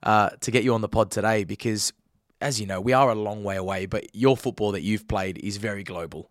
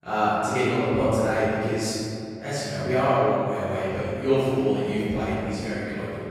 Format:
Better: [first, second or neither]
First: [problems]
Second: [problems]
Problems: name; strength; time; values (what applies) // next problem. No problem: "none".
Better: first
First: none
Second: off-mic speech; far // room echo; strong; dies away in 2.3 s